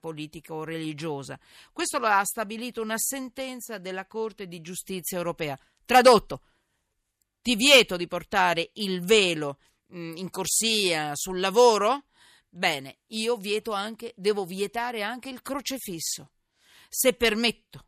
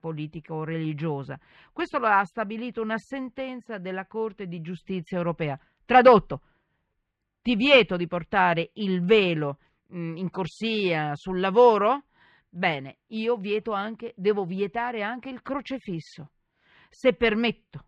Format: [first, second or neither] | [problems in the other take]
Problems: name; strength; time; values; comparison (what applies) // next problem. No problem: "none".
first | muffled; very; fading above 2.5 kHz